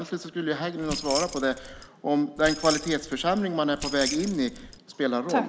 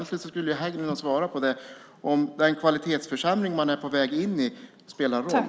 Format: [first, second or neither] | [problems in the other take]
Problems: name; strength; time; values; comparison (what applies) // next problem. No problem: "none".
second | background sound (Keys jangling); 9 dB below the speech